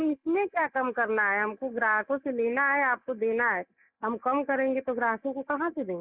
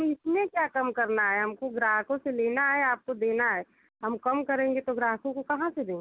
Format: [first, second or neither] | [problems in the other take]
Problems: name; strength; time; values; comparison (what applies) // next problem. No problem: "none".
second | noise reduction (neural mask model Resemble Enhance denoiser)